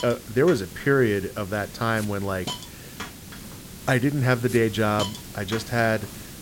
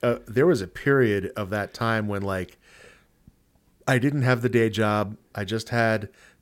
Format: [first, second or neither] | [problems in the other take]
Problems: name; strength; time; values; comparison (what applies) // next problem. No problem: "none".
second | hiss; noticeable; throughout; 15 dB below the speech